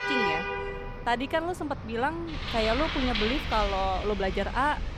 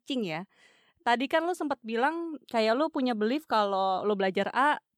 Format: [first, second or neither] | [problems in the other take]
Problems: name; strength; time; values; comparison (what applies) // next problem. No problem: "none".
second | traffic noise; loud; throughout; 3 dB below the speech